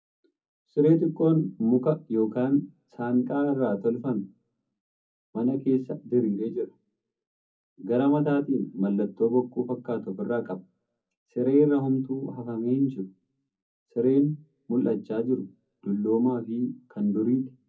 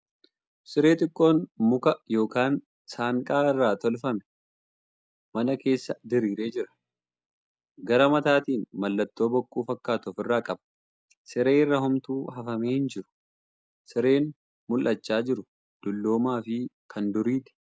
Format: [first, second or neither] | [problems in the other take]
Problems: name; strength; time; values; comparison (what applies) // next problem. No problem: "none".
second | room echo; dies away in 0.3 s